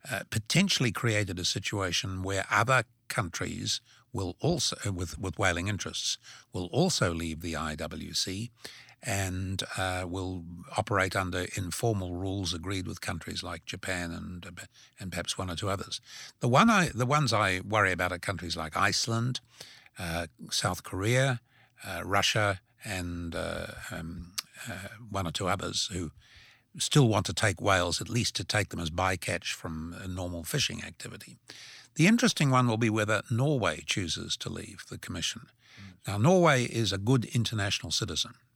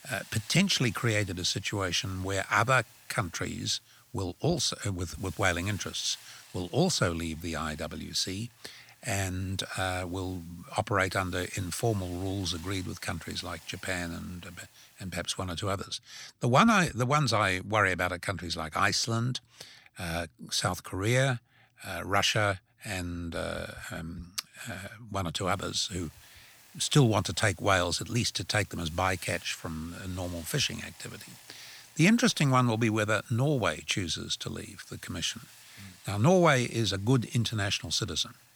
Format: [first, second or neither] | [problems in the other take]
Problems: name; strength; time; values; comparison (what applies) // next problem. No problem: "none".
first | hiss; faint; until 16 s and from 25 s on; 25 dB below the speech